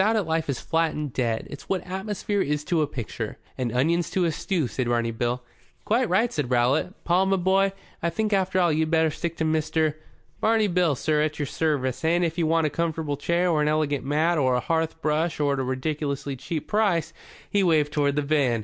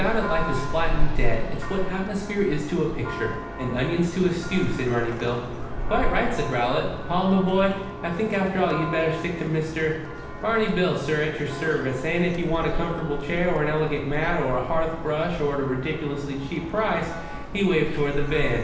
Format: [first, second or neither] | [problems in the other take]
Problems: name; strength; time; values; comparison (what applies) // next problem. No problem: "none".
first | background sound (Church bell); 3 dB below the speech // room echo; dies away in 0.9 s